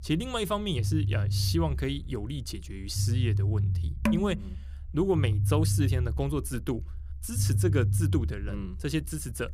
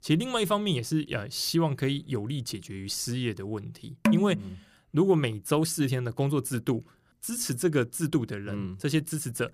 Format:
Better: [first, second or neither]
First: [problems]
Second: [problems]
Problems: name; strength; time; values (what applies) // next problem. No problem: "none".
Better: second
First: low rumble; loud; throughout; 10 dB below the speech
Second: none